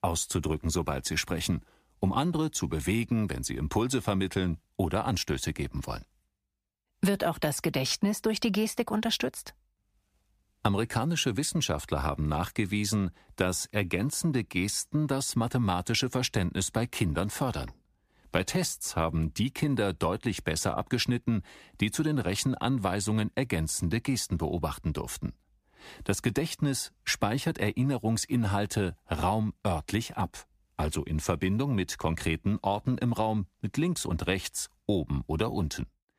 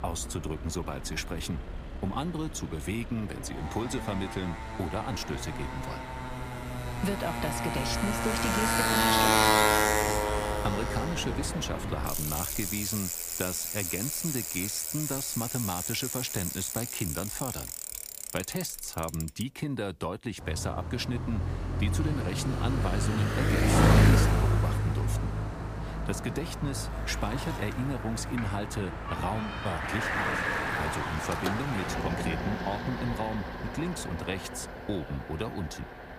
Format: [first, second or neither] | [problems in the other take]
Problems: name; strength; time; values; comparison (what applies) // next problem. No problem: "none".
first | traffic noise; very loud; throughout; 4 dB above the speech